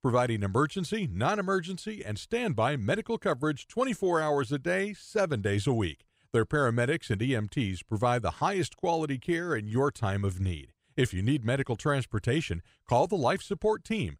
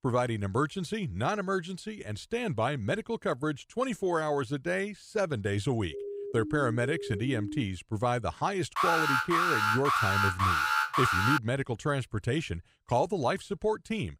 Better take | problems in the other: first | siren; noticeable; from 6 to 7.5 s; peak 7 dB below the speech // alarm; loud; from 9 to 11 s; peak 5 dB above the speech

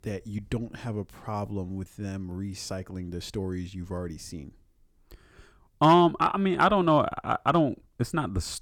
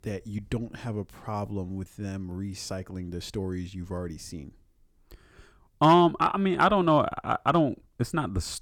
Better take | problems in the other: neither | none

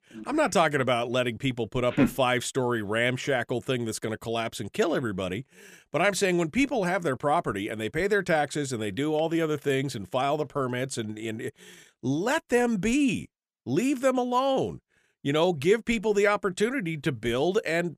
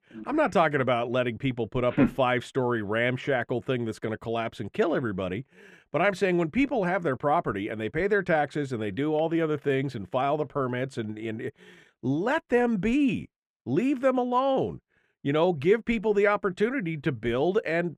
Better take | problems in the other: first | muffled; slightly; fading above 4 kHz

